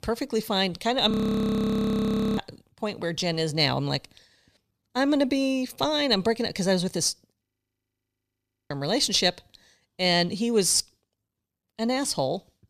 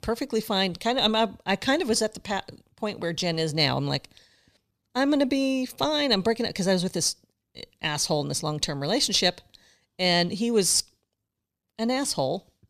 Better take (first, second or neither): second